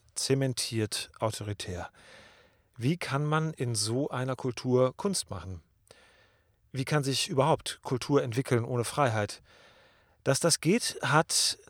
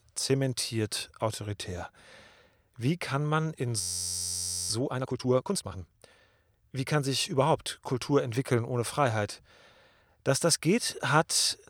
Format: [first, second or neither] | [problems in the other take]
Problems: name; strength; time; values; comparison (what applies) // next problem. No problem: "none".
first | audio freezing; at 4 s for 1 s